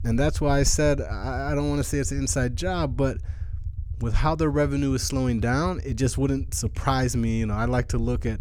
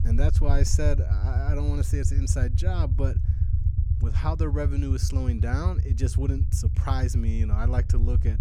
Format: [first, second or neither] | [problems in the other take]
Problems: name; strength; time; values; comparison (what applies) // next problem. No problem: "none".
first | low rumble; loud; throughout; 7 dB below the speech; faint in the first